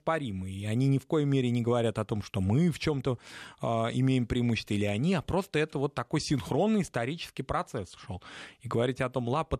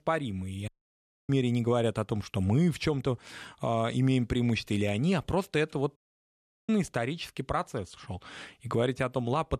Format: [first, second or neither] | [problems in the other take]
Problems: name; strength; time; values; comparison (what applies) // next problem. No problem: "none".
first | audio cutting out; at 0.5 s for 0.5 s and at 6 s for 0.5 s